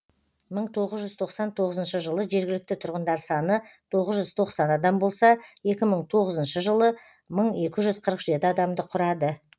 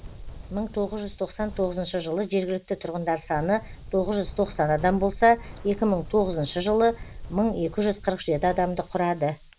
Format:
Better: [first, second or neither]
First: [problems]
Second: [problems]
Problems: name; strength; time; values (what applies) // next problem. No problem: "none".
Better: first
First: none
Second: background sound (Wind); 14 dB below the speech